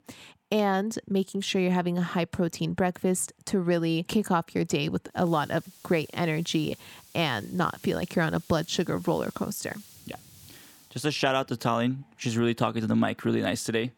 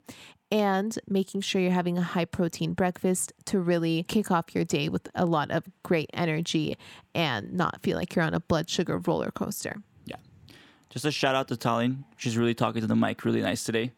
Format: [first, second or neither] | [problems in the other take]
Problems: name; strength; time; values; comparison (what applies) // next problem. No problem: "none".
second | hiss; faint; from 5 to 11 s; 25 dB below the speech